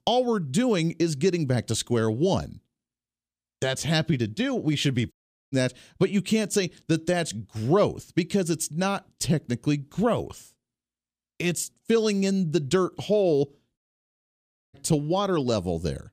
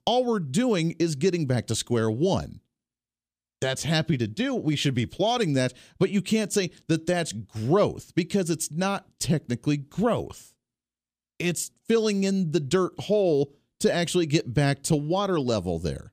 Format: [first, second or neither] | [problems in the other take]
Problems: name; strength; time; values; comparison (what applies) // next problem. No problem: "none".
second | audio cutting out; at 5 s and at 14 s for 1 s